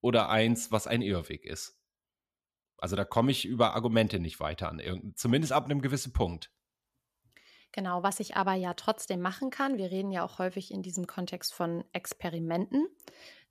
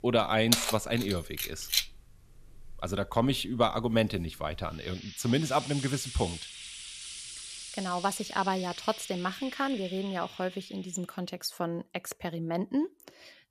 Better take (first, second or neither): first